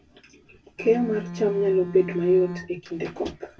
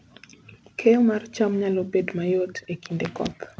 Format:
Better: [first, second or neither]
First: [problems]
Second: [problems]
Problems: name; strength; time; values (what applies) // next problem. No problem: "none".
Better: second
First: background sound (Bowed string instrument); 10 dB below the speech // room echo; dies away in 0.1 s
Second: none